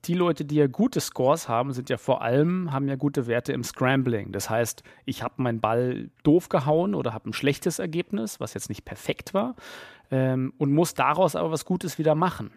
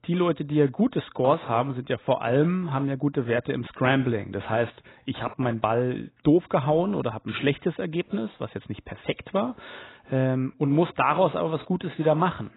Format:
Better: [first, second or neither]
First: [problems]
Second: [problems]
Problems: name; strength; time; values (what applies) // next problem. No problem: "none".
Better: first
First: none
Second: garbled, watery; badly; nothing above 4 kHz